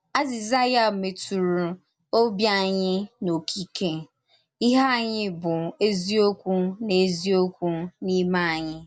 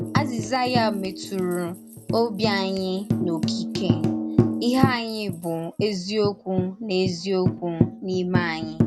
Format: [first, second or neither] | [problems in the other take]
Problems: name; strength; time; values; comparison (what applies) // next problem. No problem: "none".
first | background sound (Tambourine); as loud as the speech